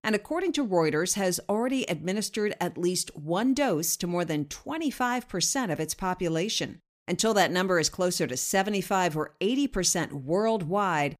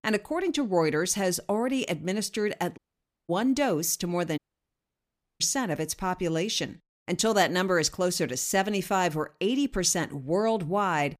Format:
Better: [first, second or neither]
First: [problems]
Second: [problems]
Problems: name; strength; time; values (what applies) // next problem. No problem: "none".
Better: first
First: none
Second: audio cutting out; at 3 s for 0.5 s and at 4.5 s for 1 s